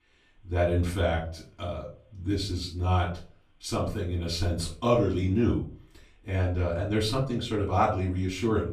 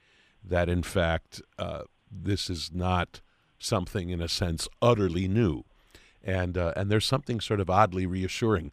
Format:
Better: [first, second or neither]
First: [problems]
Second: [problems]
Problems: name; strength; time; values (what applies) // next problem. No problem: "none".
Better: second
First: off-mic speech; far // room echo; slight; dies away in 0.3 s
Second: none